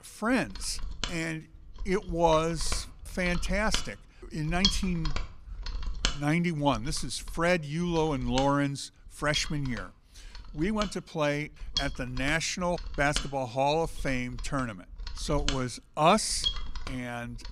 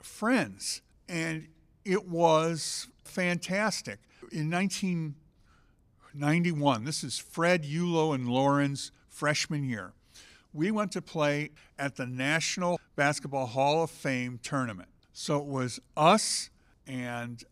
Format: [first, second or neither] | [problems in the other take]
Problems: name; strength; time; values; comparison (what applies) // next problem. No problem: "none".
second | machinery noise; loud; throughout; 7 dB below the speech